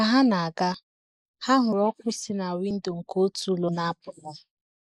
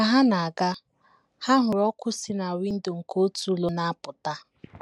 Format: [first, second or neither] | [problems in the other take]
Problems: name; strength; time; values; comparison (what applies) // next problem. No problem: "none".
second | noise reduction (neural mask model Resemble Enhance denoiser)